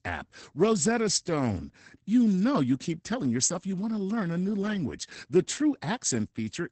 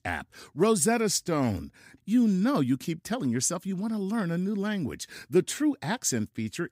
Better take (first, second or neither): second